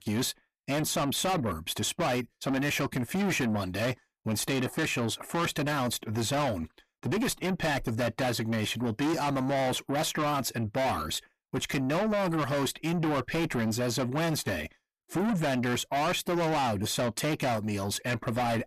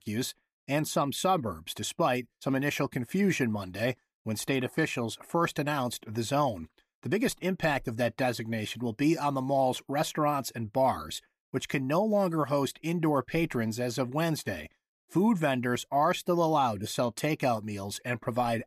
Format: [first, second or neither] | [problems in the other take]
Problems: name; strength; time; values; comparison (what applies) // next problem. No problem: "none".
second | distortion; heavy; 6 dB below the speech